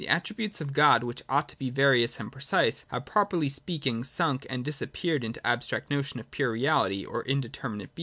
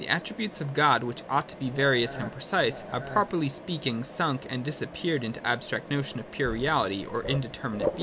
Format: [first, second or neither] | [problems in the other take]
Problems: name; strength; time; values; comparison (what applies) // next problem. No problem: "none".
first | background sound (Mechanisms + Burping, eructation); 11 dB below the speech